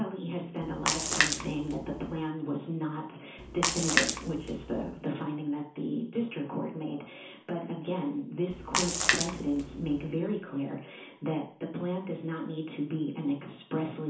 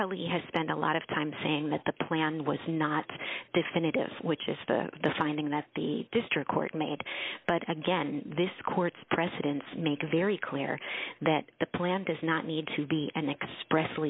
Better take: second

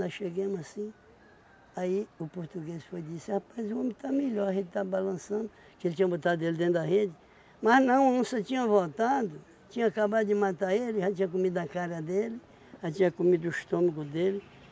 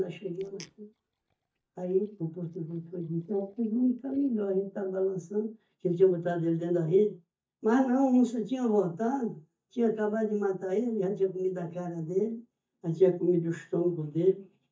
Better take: first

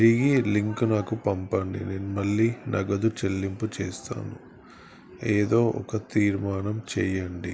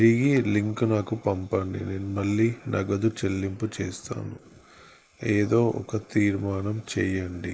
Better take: first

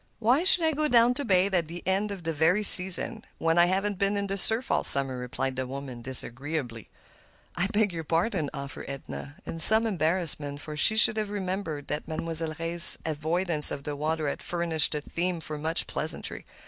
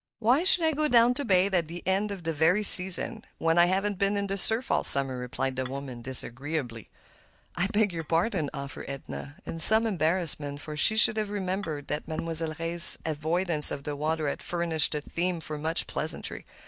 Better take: first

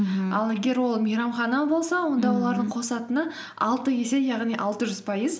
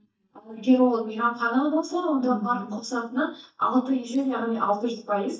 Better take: first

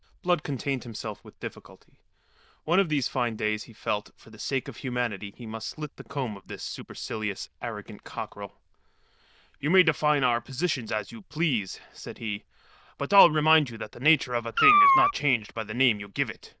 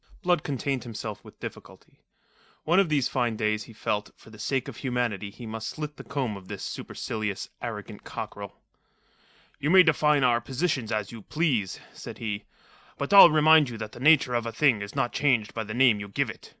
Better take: second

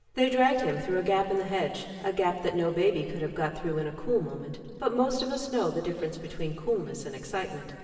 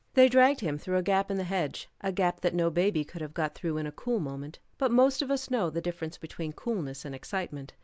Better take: second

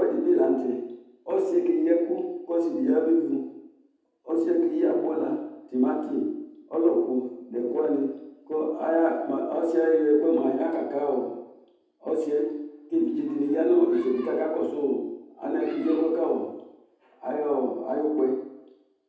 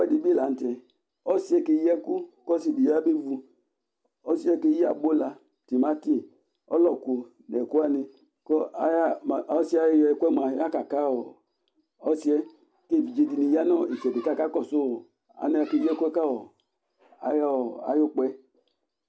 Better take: second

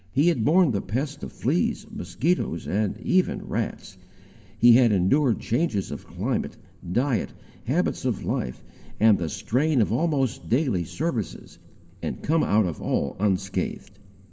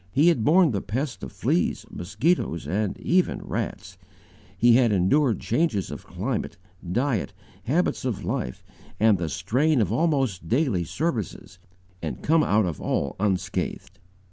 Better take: second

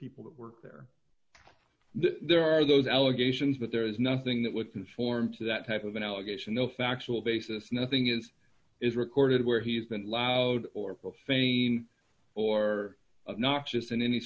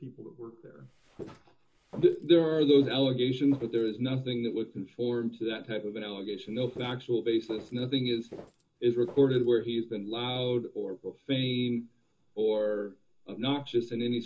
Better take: first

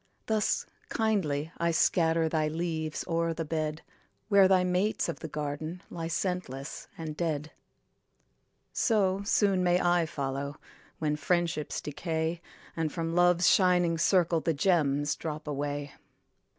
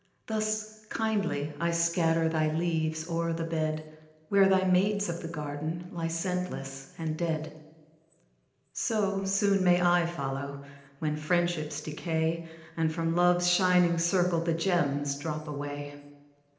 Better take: first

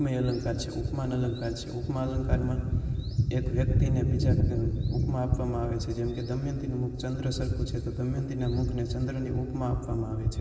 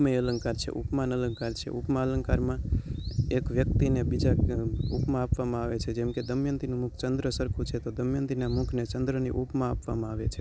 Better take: second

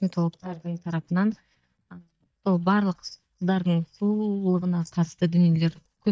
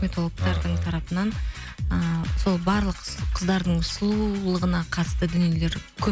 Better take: second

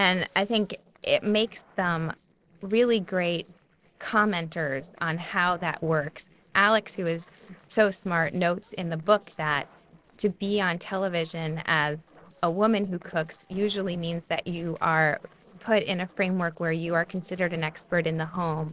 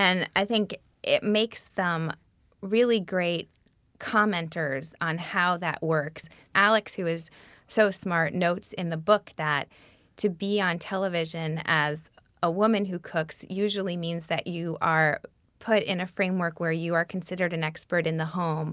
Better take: second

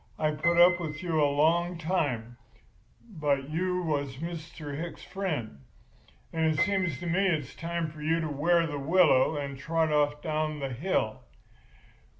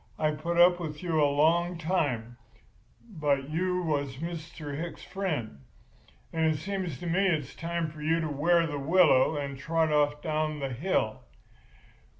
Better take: second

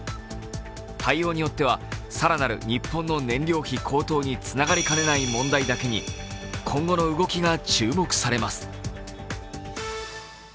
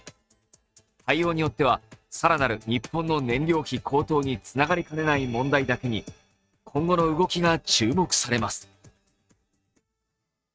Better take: first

